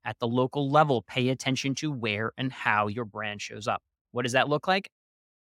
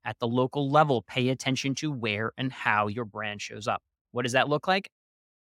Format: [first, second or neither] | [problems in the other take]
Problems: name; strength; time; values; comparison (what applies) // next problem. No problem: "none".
neither | none